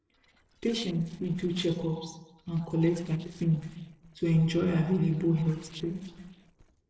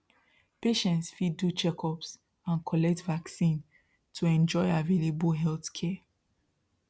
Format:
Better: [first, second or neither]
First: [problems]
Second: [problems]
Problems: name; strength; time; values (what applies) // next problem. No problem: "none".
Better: second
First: noise reduction (neural separator model SepFormer DNS4)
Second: none